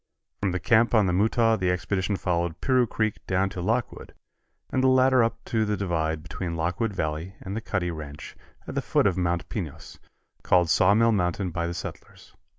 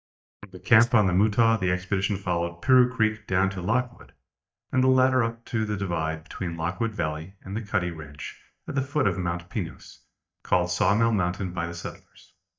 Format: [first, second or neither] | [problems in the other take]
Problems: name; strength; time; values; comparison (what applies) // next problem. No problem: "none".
first | noise reduction (neural mask model DeepFilterNet 3)